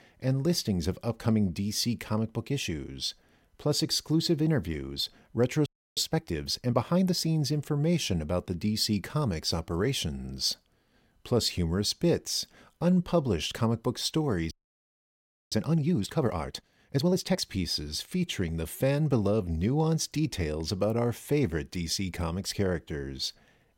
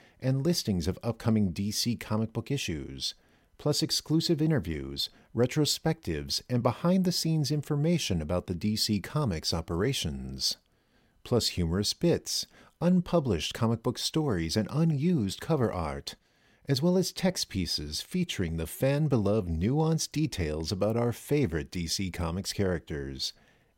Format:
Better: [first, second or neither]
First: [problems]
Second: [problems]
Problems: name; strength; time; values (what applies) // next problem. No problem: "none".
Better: second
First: audio freezing; at 5.5 s and at 15 s for 1 s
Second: none